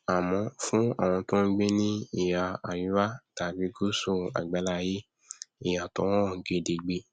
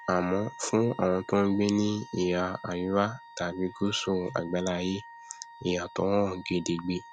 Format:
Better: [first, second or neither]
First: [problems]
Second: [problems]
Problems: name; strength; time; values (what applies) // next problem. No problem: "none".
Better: first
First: none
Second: background sound (Wind instrument, woodwind instrument); 19 dB below the speech